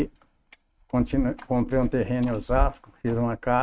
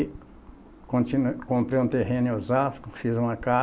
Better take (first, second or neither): second